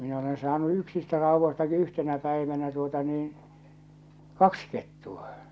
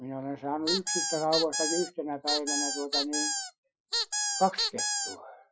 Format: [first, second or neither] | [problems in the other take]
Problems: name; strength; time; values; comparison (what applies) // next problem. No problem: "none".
first | noise reduction (classical method Wiener filter)